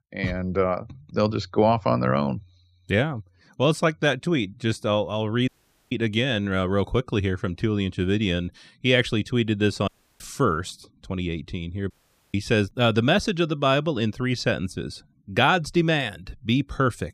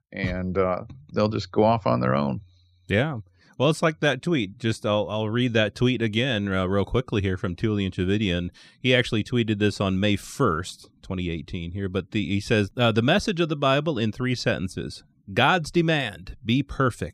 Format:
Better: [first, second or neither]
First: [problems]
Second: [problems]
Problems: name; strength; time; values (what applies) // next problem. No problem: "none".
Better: second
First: audio cutting out; at 5.5 s, at 10 s and at 12 s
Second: none